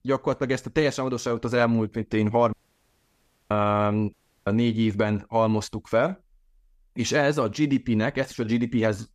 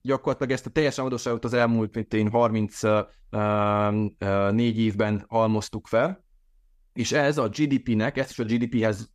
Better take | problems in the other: second | audio cutting out; at 2.5 s for 1 s and at 4 s

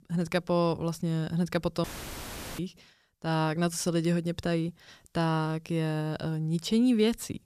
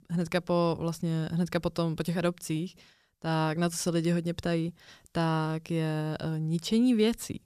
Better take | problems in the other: second | audio cutting out; filled with static; at 2 s for 0.5 s

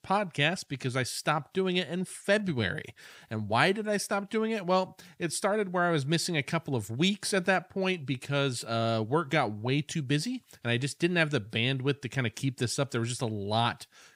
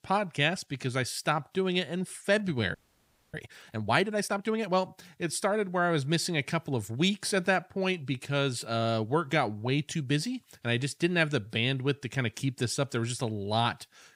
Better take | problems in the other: first | audio freezing; at 2.5 s for 0.5 s

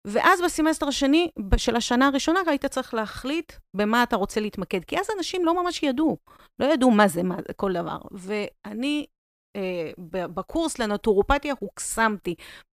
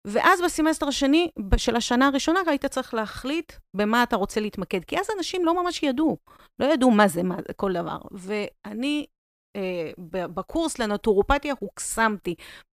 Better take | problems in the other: neither | none

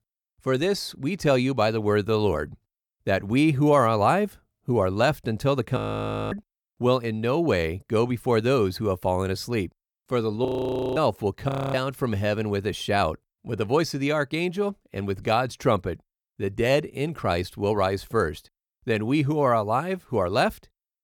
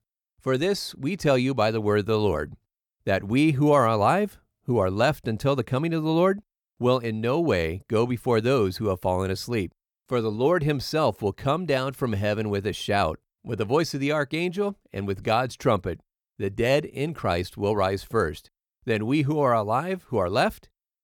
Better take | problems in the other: second | audio freezing; at 6 s for 0.5 s, at 10 s for 0.5 s and at 11 s

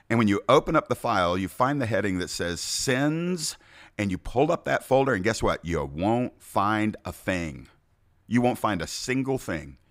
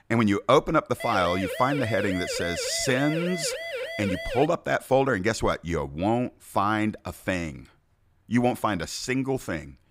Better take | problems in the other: first | siren; noticeable; from 1 to 4.5 s; peak 6 dB below the speech

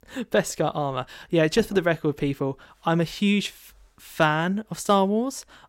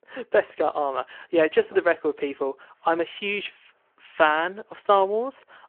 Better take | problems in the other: first | phone-call audio

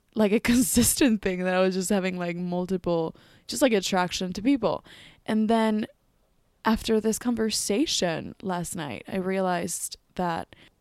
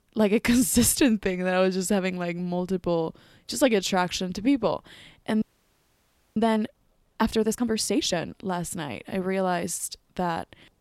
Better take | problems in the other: first | audio freezing; at 5.5 s for 1 s

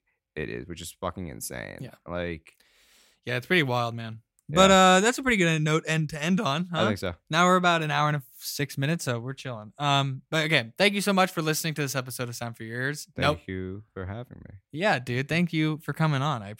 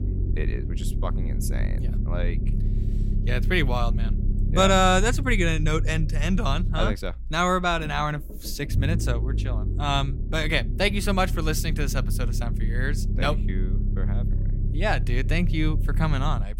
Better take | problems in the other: first | low rumble; noticeable; throughout; 15 dB below the speech

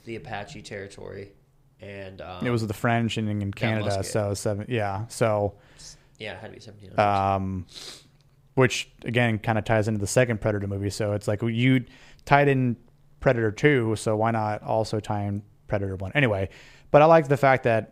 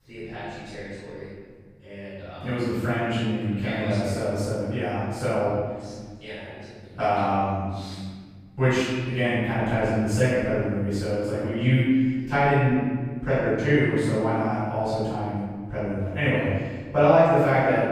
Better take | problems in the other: first | room echo; strong; dies away in 1.7 s // off-mic speech; far

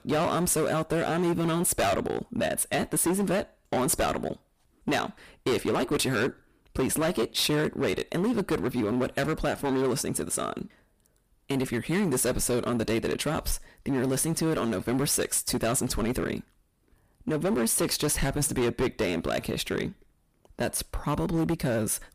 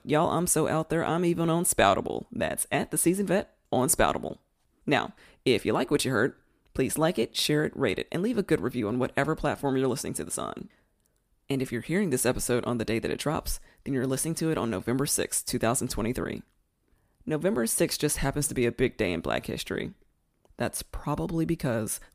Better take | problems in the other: second | distortion; heavy; 14% of the sound clipped

